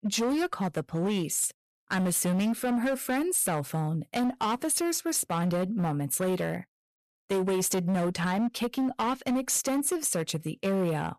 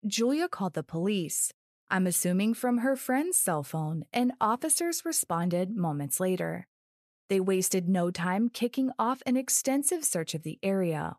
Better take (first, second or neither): second